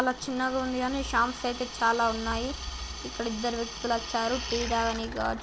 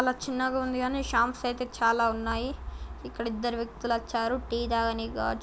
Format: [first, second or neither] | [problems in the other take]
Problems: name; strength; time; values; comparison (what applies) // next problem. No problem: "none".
second | background sound (Drill); 11 dB below the speech